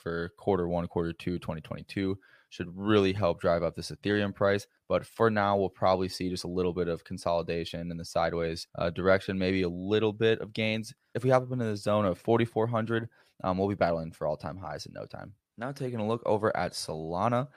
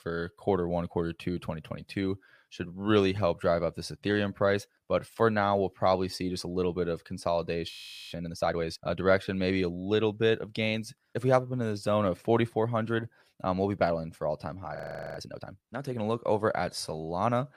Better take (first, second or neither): first